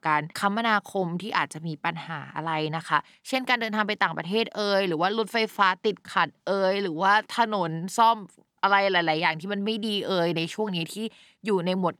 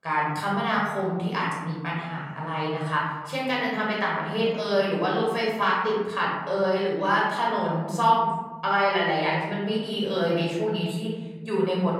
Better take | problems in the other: first | room echo; noticeable; dies away in 2 s // off-mic speech; far

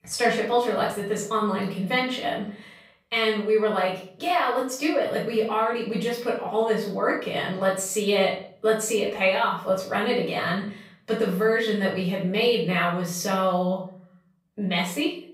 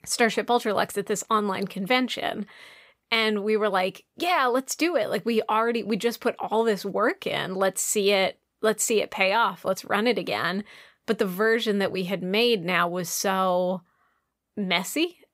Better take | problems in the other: second | off-mic speech; far // room echo; noticeable; dies away in 0.6 s

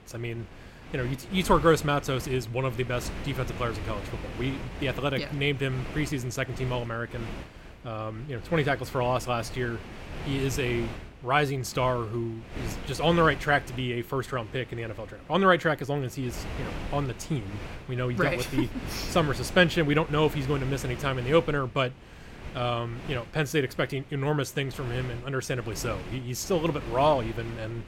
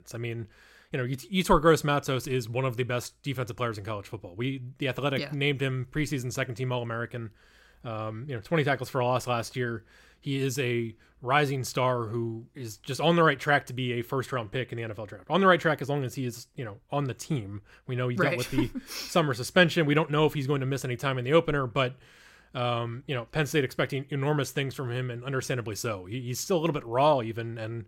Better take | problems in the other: second | wind noise on the microphone; occasional gusts; 15 dB below the speech

